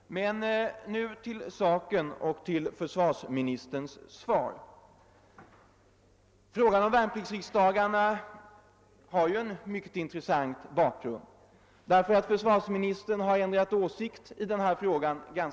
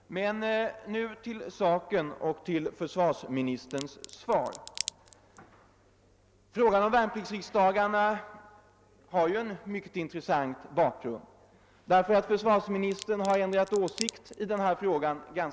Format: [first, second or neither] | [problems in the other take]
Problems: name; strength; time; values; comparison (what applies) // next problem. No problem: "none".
first | background sound (Crack); 13 dB below the speech